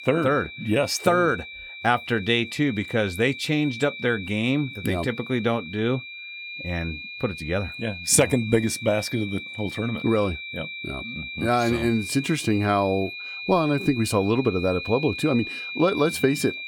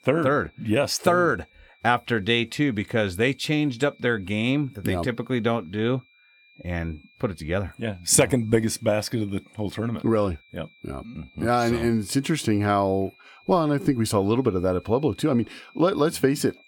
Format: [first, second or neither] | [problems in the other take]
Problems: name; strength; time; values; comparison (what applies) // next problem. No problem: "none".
second | high-pitched whine; loud; throughout; 2.5 kHz, 10 dB below the speech; faint in the second